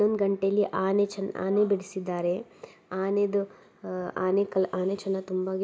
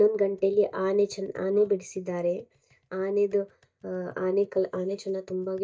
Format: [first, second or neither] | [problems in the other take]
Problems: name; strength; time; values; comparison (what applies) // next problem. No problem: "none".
first | noise reduction (neural mask model DeepFilterNet 3)